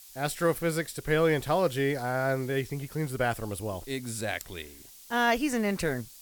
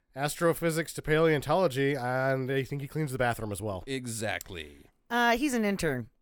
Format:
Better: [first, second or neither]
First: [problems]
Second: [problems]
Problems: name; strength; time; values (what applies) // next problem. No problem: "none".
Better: second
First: hiss; noticeable; throughout; 20 dB below the speech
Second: none